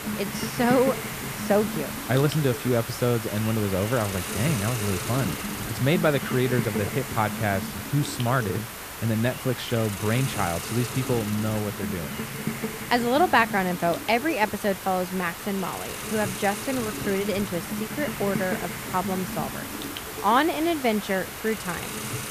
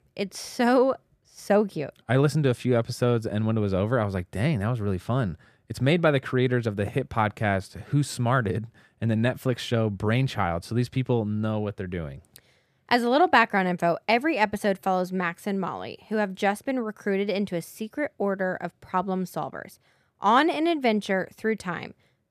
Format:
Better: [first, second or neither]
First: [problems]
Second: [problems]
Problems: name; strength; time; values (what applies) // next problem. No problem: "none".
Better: second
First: hiss; loud; throughout; 6 dB below the speech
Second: none